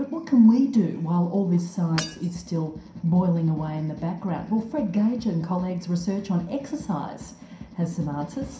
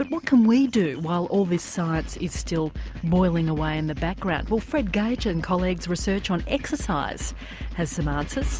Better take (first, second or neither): second